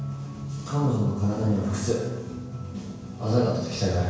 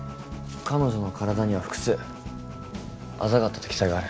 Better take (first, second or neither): second